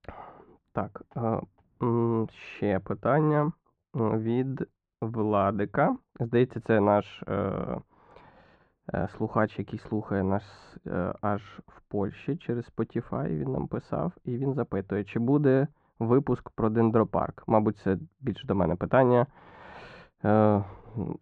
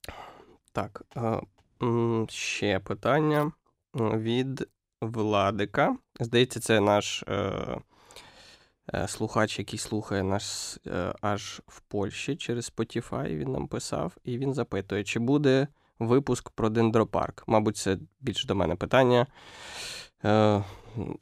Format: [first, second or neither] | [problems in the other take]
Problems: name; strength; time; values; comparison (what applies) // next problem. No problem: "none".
second | muffled; very; fading above 1.5 kHz